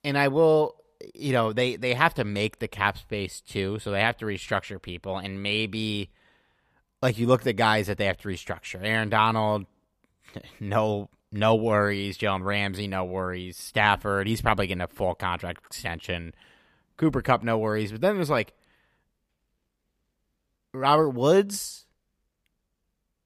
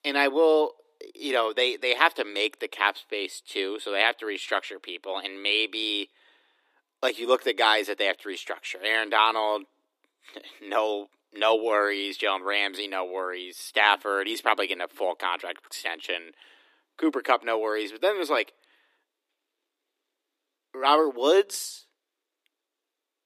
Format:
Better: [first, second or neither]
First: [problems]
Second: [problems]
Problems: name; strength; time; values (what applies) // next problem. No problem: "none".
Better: first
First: none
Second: thin; somewhat; fading below 300 Hz